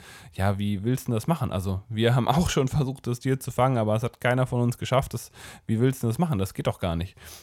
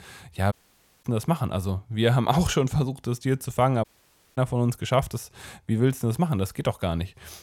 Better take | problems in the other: first | audio cutting out; at 0.5 s for 0.5 s and at 4 s for 0.5 s

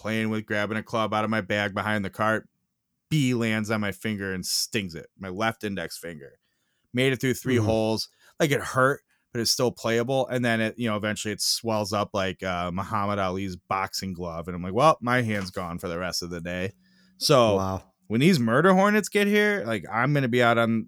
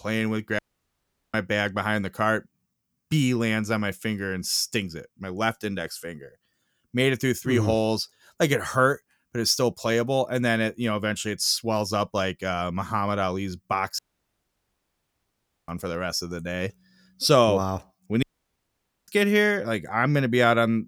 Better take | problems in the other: first | audio cutting out; at 0.5 s for 1 s, at 14 s for 1.5 s and at 18 s for 1 s

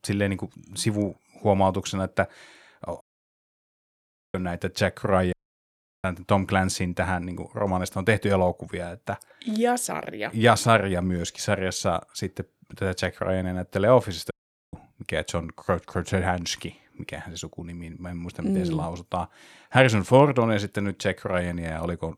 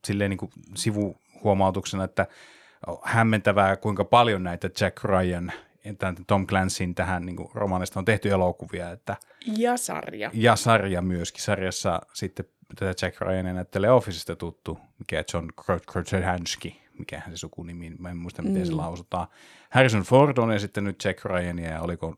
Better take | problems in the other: second | audio cutting out; at 3 s for 1.5 s, at 5.5 s for 0.5 s and at 14 s

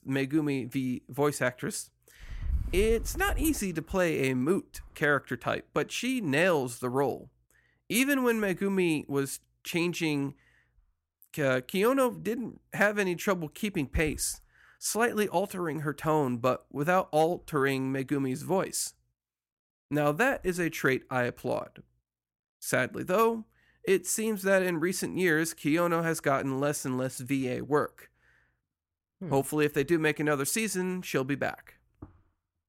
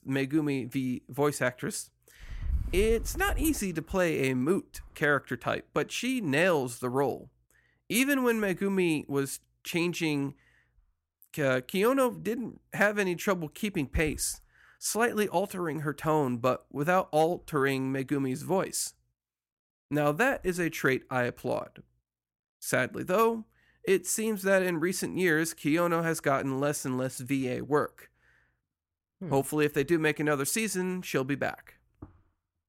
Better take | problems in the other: neither | none

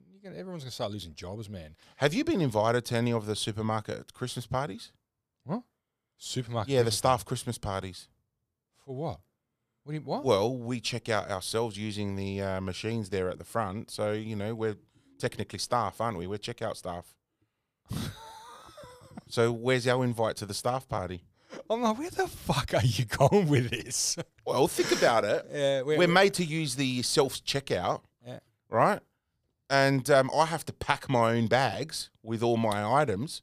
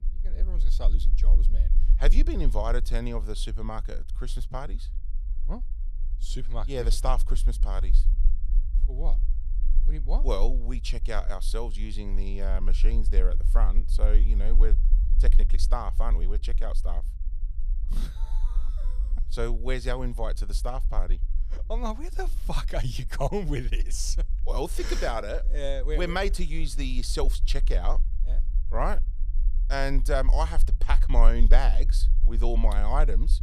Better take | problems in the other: first | low rumble; noticeable; throughout; 20 dB below the speech

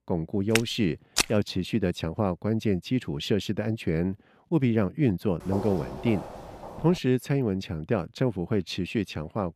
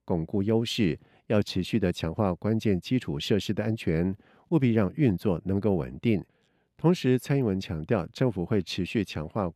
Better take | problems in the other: second | footsteps; loud; at 0.5 s; peak 1 dB above the speech // footsteps; noticeable; from 5.5 to 7 s; peak 8 dB below the speech

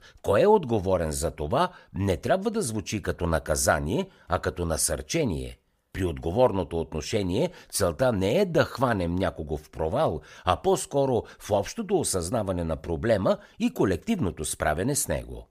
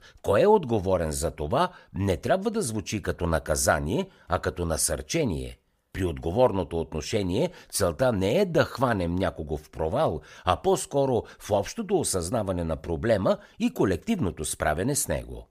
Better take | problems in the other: neither | none

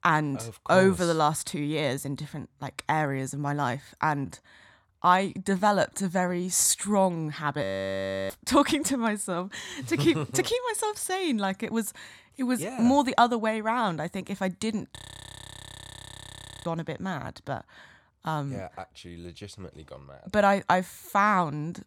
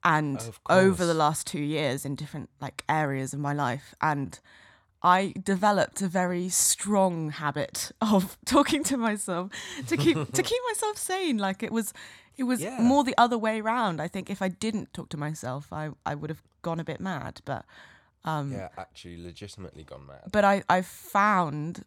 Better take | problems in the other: second | audio freezing; at 7.5 s for 0.5 s and at 15 s for 1.5 s

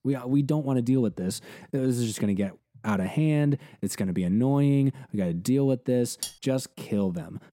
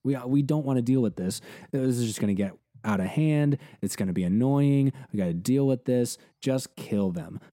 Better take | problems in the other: second | clattering dishes; noticeable; at 6 s; peak 9 dB below the speech

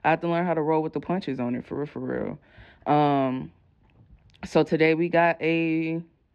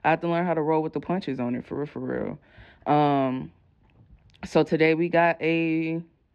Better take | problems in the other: neither | muffled; very slightly; fading above 3 kHz; the same in both

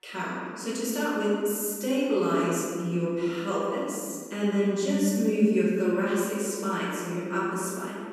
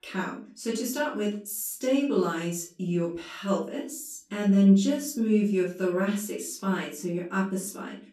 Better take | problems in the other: second | room echo; strong; dies away in 1.9 s; slight in the second // off-mic speech; far; far in the second

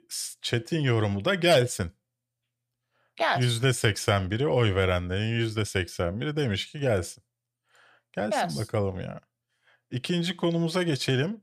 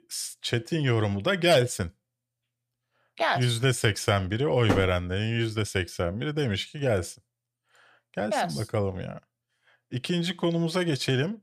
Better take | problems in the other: first | door banging; noticeable; at 4.5 s; peak 3 dB below the speech

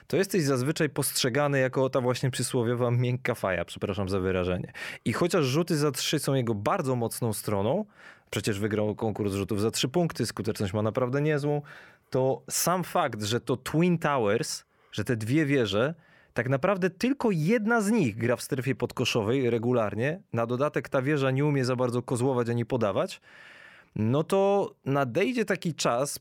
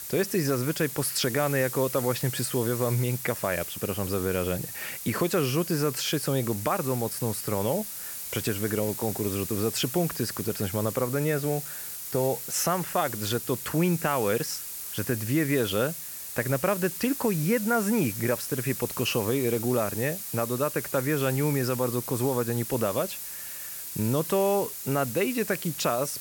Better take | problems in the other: first | hiss; loud; throughout; 6 dB below the speech

